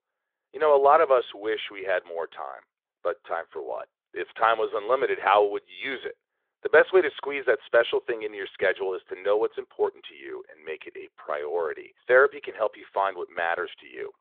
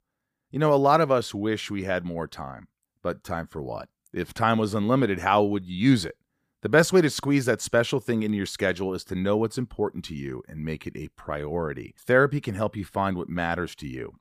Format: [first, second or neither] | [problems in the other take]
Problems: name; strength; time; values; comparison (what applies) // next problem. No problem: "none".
second | phone-call audio; nothing above 3.5 kHz